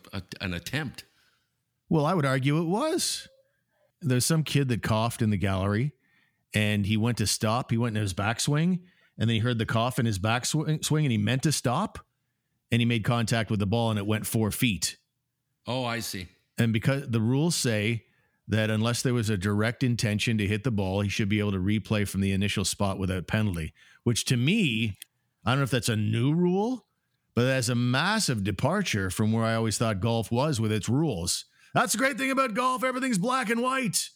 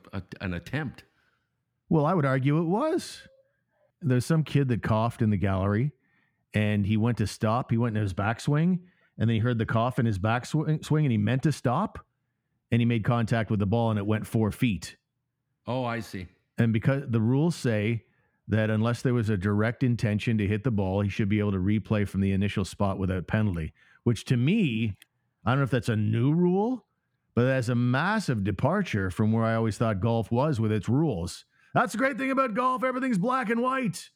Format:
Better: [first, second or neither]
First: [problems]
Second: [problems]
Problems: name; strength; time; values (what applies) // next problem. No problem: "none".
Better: first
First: none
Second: muffled; slightly; fading above 2.5 kHz